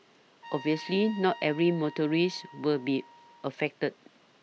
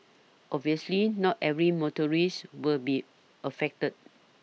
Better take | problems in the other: second | background sound (Trumpet); 18 dB below the speech

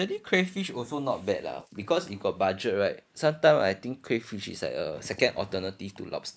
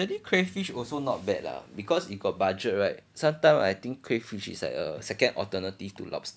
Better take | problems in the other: second | noise reduction (neural mask model Resemble Enhance denoiser)

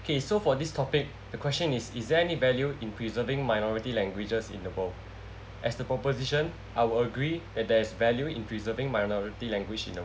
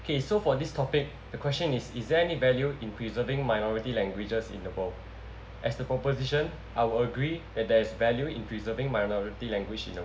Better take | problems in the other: first | room echo; dies away in 0.7 s

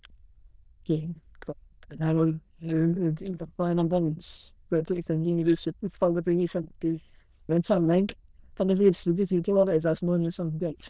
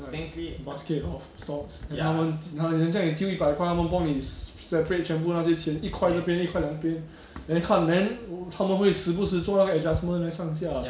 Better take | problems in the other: second | noise reduction (neural diffusion model UNIVERSE++)

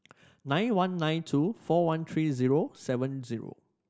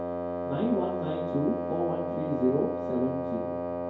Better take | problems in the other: first | background sound (Wind instrument, woodwind instrument); 1 dB below the speech // room echo; dies away in 2.4 s

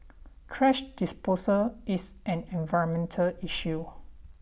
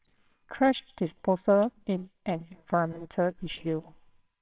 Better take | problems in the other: first | noise reduction (neural separator model SepFormer WHAMR!)

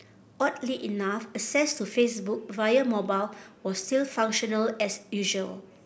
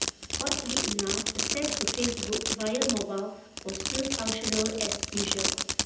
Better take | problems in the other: first | background sound (Fireworks); 2 dB above the speech // room echo; dies away in 1.2 s

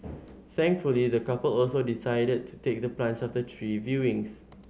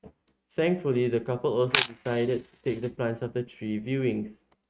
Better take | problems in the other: first | noise reduction (neural mask model RNNoise)

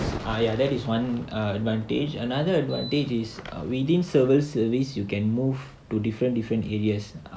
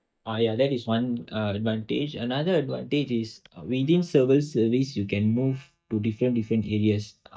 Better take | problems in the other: first | noise reduction (neural mask model DeepFilterNet 3)

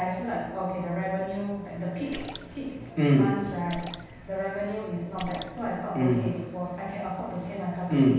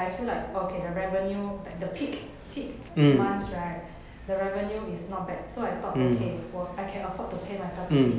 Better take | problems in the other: second | background sound (Splash, splatter); 16 dB below the speech // room echo; dies away in 0.9 s

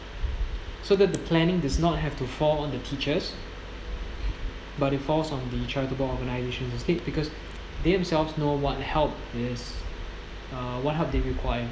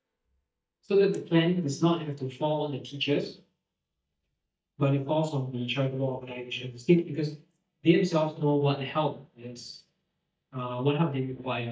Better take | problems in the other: first | noise reduction (neural mask model DeepFilterNet 3)

